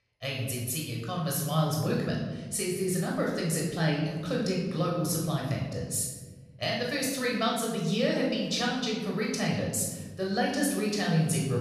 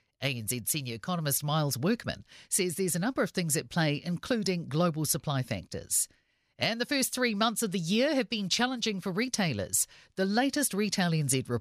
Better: second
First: off-mic speech; far // room echo; noticeable; dies away in 1.4 s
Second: none

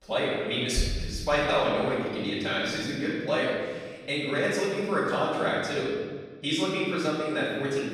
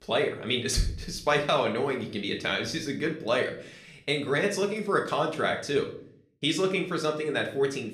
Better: second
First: room echo; strong; dies away in 1.3 s // off-mic speech; far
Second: room echo; slight; dies away in 0.4 s // off-mic speech; somewhat distant

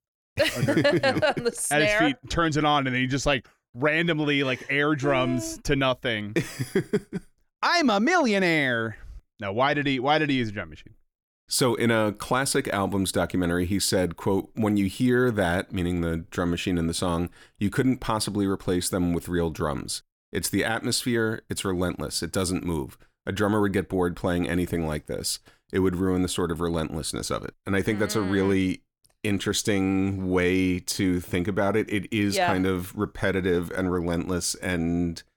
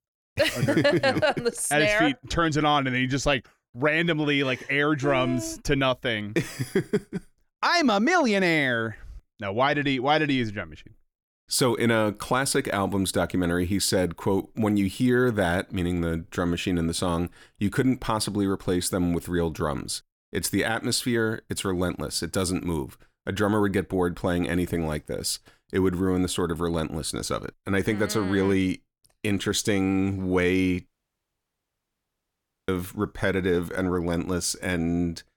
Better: first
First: none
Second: audio cutting out; at 31 s for 2 s

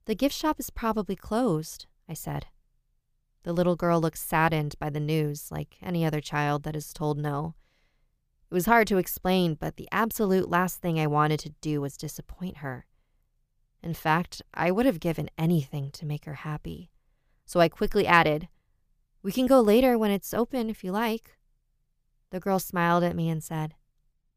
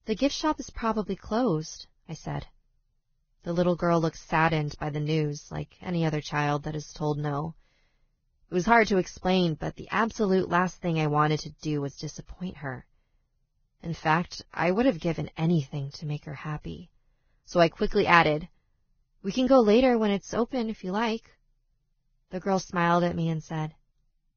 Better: first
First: none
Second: garbled, watery; badly; nothing above 6.5 kHz

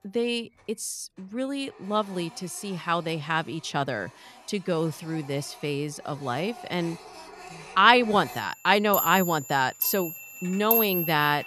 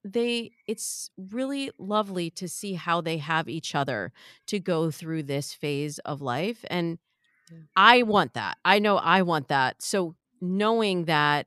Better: second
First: household noises; loud; throughout; 4 dB below the speech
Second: none

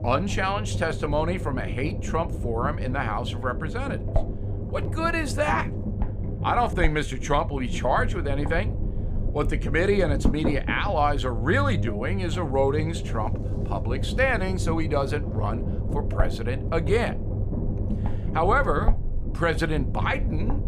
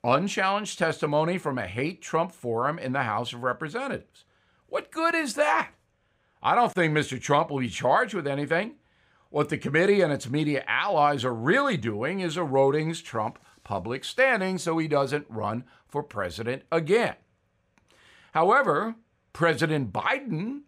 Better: second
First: low rumble; noticeable; throughout; 10 dB below the speech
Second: none

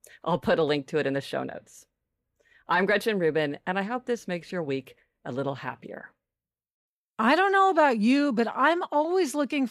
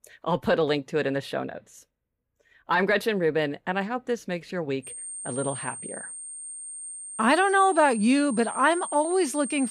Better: first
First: none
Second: high-pitched whine; loud; from 5 s on; 8.5 kHz, 10 dB below the speech

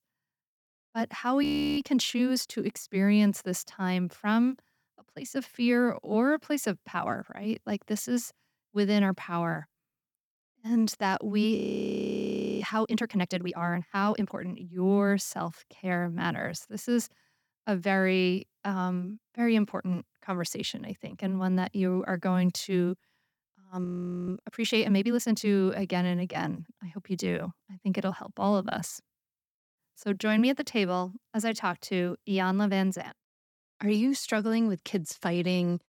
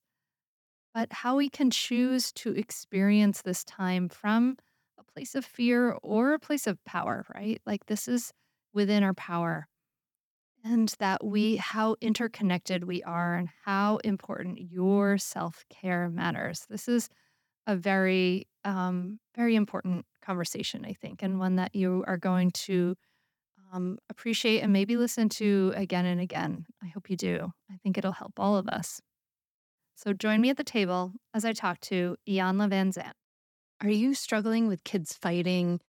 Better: second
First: audio freezing; at 1.5 s, at 12 s for 1 s and at 24 s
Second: none

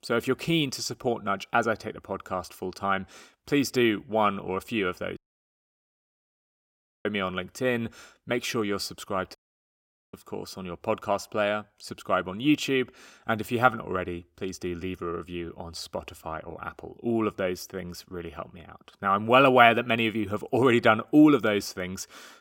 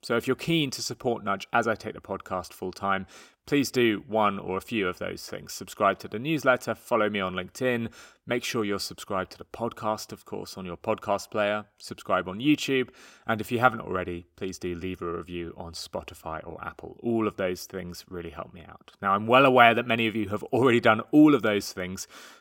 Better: second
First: audio cutting out; at 5 s for 2 s and at 9.5 s for 1 s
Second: none

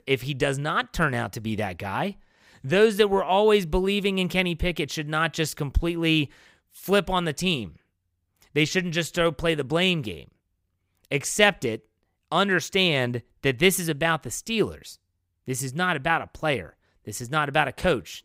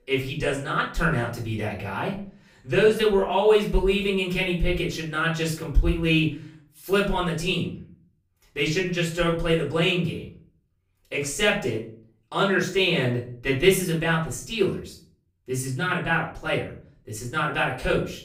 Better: first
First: none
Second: off-mic speech; far // room echo; slight; dies away in 0.4 s

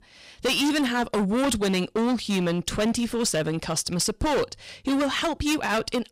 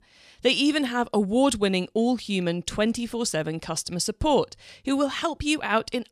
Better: second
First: distortion; heavy; 20% of the sound clipped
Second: none

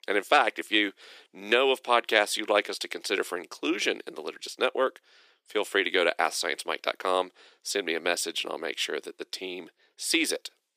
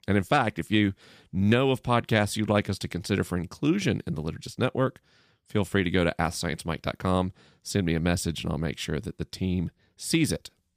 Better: second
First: thin; very; fading below 350 Hz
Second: none

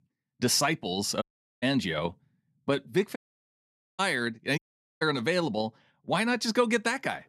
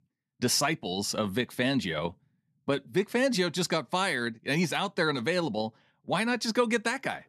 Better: second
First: audio cutting out; at 1 s, at 3 s for 1 s and at 4.5 s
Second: none

